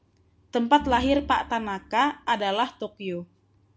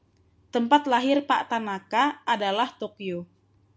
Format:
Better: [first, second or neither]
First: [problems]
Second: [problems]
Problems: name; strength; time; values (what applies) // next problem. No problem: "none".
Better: second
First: background sound (Organ); 15 dB below the speech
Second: none